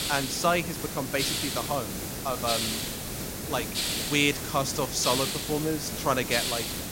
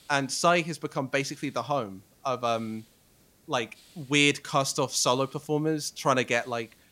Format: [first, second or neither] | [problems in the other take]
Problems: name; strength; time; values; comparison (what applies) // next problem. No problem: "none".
second | hiss; loud; throughout; 2 dB below the speech; faint in the second